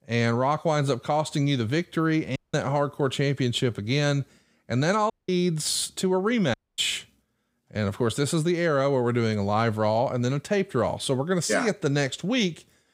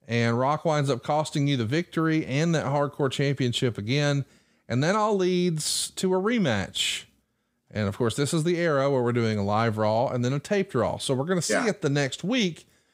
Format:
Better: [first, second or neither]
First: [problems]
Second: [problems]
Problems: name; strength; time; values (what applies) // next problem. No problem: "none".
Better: second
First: audio cutting out; at 2.5 s, at 5 s and at 6.5 s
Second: none